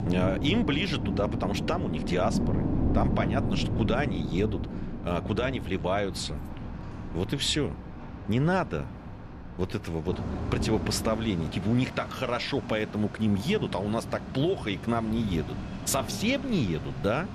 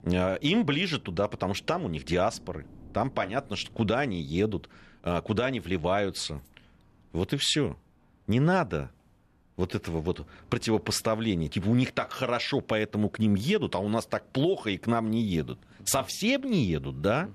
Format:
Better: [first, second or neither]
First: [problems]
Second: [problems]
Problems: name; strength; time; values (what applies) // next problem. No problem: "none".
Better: second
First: rain or running water; loud; throughout; 5 dB below the speech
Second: rain or running water; faint; throughout; 30 dB below the speech